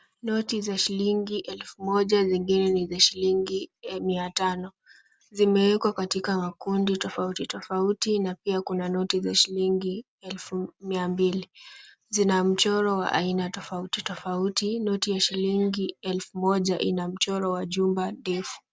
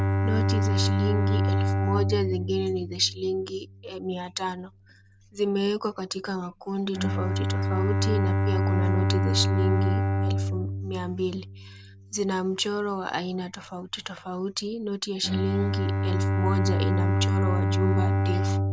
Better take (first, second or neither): first